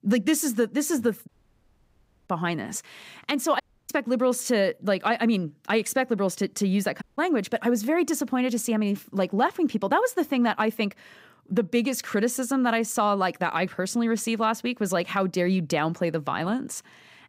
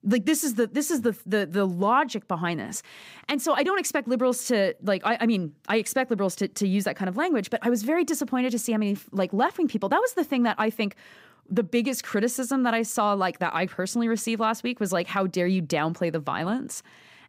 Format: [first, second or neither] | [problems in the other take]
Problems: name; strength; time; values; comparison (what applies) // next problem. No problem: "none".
second | audio cutting out; at 1.5 s for 1 s, at 3.5 s and at 7 s